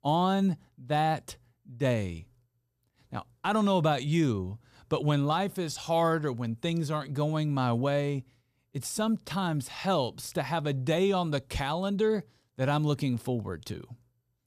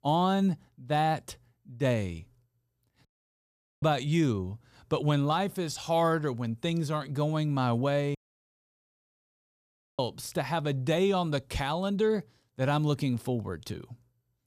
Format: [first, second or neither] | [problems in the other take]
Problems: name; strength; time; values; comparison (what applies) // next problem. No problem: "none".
first | audio cutting out; at 3 s for 1 s and at 8 s for 2 s